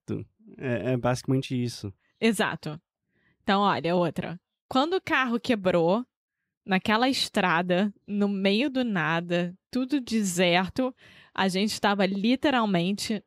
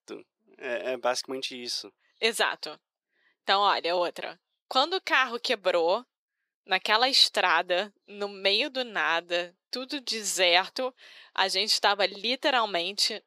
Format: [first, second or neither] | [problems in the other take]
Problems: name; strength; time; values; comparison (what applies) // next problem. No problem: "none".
first | thin; very; fading below 450 Hz